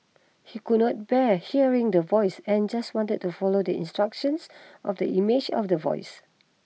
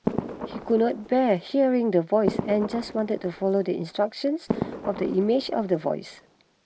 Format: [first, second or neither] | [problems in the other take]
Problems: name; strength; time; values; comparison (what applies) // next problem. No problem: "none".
first | background sound (Fireworks); 10 dB below the speech